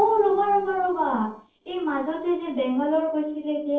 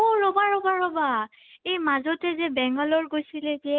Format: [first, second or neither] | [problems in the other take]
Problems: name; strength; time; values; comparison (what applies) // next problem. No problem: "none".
second | noise reduction (neural separator model SepFormer DNS4)